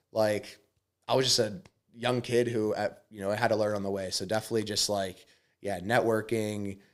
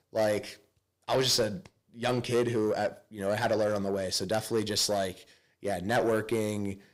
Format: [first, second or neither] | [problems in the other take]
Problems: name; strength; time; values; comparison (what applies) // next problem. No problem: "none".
first | distortion; slight; 10 dB below the speech